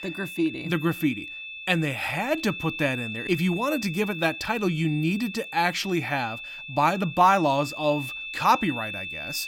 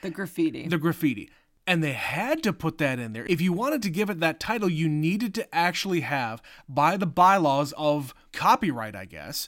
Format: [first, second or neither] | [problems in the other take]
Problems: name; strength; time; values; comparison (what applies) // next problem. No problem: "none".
second | high-pitched whine; loud; throughout; 2.5 kHz, 9 dB below the speech